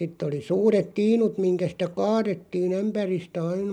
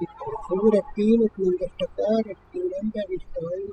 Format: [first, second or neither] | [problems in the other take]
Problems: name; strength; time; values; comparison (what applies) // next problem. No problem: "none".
first | noise reduction (classical method spectral subtraction)